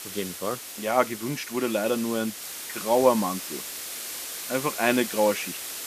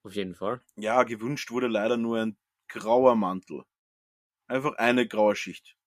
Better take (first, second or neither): second